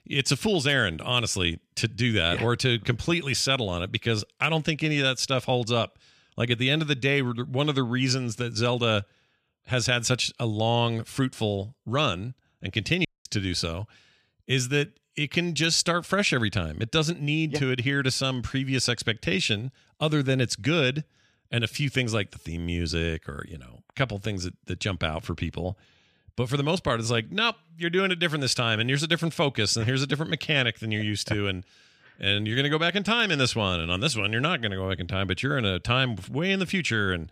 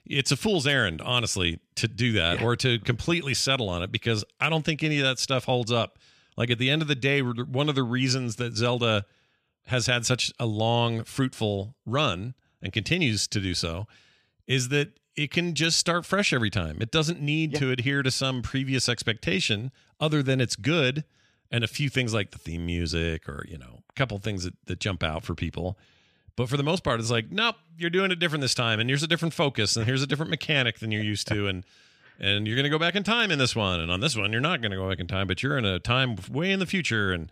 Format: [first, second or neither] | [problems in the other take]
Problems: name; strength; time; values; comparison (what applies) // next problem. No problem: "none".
second | audio cutting out; at 13 s